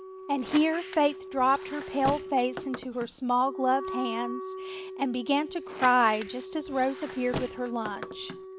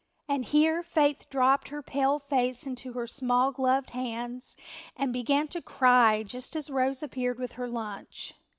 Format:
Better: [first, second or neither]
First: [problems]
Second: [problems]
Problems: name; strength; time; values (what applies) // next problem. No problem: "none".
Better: second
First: background sound (Wind instrument, woodwind instrument + Squeak); 10 dB below the speech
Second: none